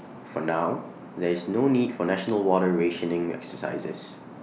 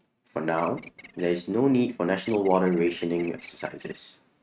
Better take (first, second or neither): first